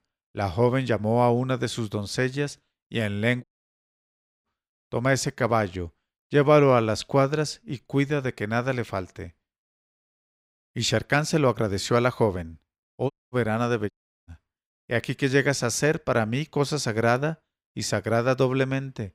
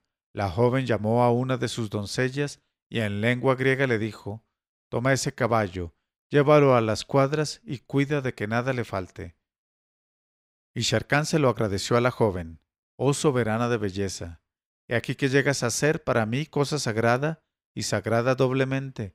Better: second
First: audio cutting out; at 3.5 s for 1 s, at 13 s and at 14 s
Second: none

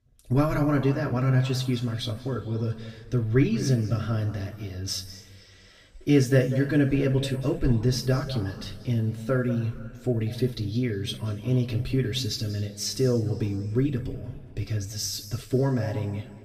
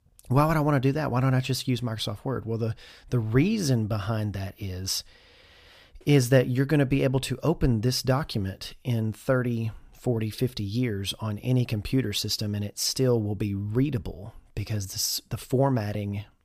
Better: second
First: room echo; noticeable; dies away in 1.6 s // off-mic speech; far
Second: none

